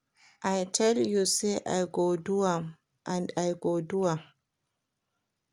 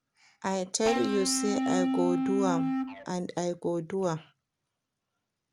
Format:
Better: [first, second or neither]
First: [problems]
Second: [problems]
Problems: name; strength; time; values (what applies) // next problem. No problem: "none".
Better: first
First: none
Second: background sound (Electric guitar / Bass guitar); 2 dB above the speech